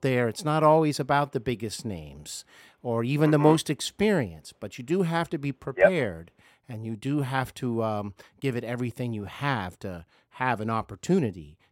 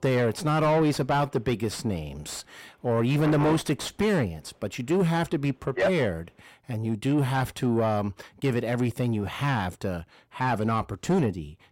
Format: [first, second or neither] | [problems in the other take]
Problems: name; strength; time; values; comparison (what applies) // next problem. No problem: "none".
first | distortion; heavy; 6 dB below the speech